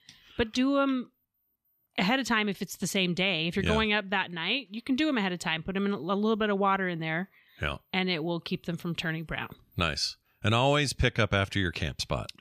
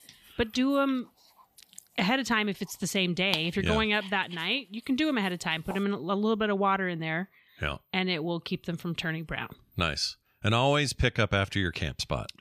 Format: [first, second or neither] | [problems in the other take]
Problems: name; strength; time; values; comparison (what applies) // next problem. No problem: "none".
first | dog barking; noticeable; from 2 to 6 s; peak 6 dB below the speech